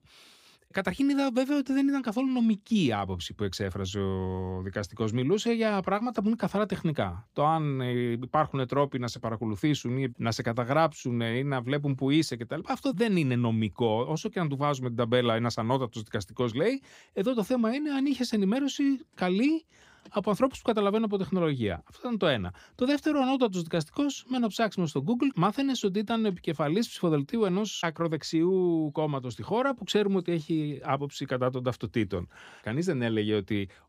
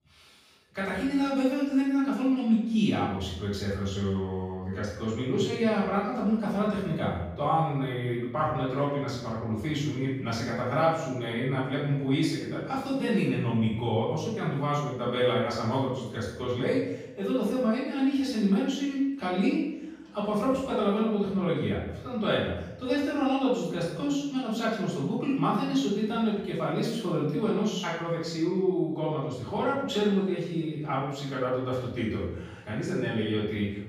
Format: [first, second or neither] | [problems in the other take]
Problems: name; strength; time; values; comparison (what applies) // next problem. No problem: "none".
first | room echo; noticeable; dies away in 0.8 s // off-mic speech; far